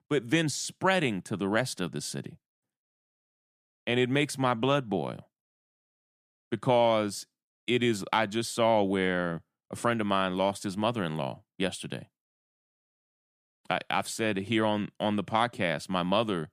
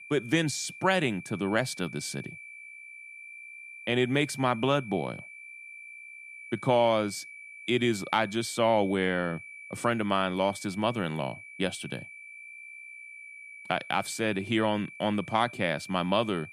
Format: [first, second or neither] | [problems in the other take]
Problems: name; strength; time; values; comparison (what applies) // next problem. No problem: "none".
first | high-pitched whine; noticeable; throughout; 2.5 kHz, 15 dB below the speech